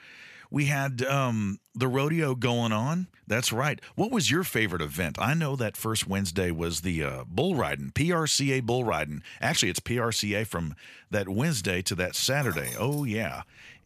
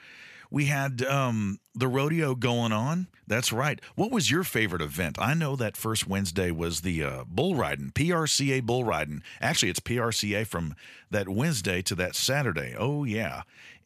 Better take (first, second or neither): second